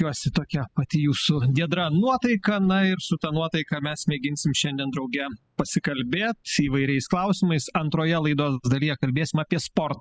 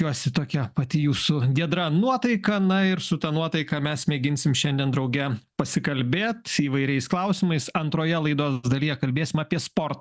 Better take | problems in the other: second | noise reduction (classical method spectral subtraction)

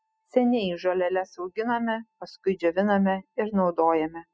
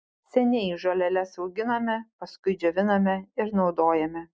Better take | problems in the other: second | noise reduction (classical method spectral subtraction)

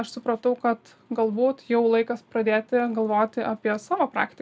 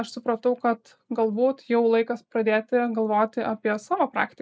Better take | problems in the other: first | noise reduction (neural mask model Resemble Enhance denoiser)

